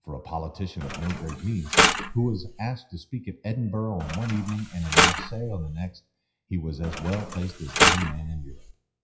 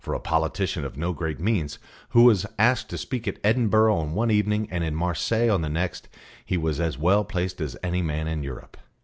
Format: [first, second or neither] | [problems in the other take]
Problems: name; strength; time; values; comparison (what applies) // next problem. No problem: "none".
second | noise reduction (classical method WPE with log-MMSE)